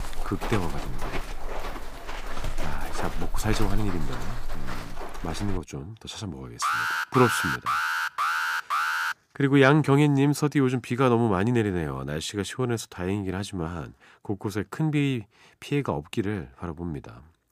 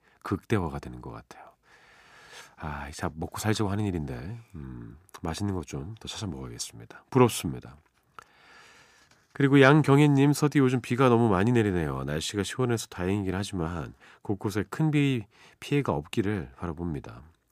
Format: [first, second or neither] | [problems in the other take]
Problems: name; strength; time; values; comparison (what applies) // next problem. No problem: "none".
second | footsteps; noticeable; until 5.5 s; peak 6 dB below the speech // alarm; loud; from 6.5 to 9 s; peak 2 dB above the speech